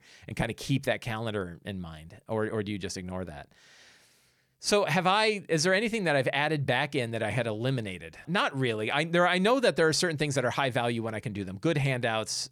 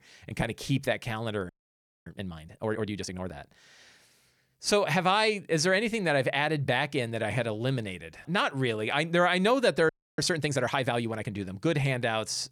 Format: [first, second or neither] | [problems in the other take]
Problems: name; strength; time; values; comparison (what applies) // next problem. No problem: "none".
first | audio freezing; at 1.5 s for 0.5 s and at 10 s